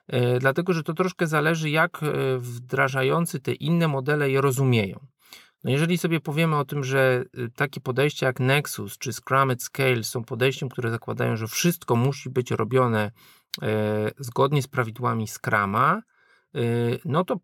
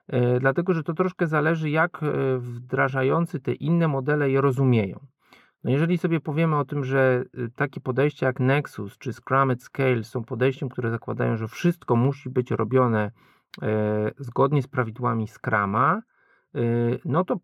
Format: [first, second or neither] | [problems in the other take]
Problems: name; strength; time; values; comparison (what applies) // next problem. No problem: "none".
first | muffled; very; fading above 3 kHz